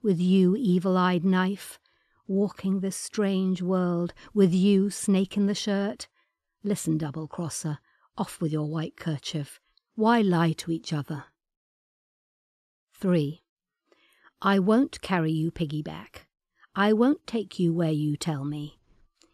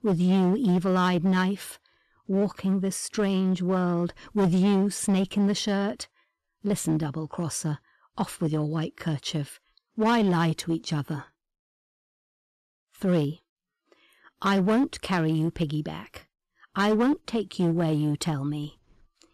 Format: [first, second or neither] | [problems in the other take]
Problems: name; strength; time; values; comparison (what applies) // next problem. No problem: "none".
first | distortion; slight; 9% of the sound clipped